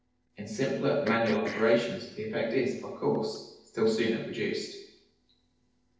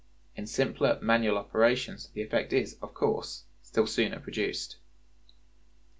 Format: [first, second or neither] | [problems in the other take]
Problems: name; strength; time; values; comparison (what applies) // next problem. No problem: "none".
second | noise reduction (neural separator model SepFormer DNS4)